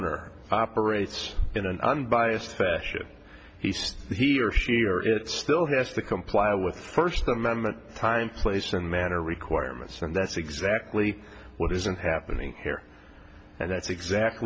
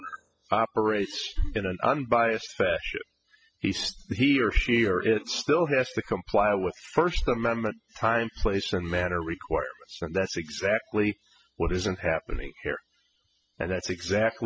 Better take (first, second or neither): first